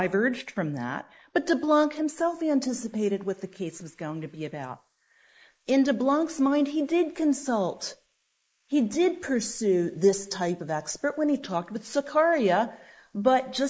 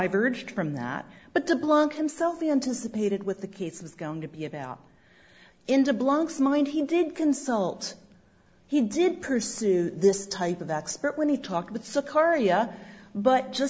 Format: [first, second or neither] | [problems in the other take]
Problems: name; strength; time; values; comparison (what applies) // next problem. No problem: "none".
second | noise reduction (neural mask model Resemble Enhance denoiser)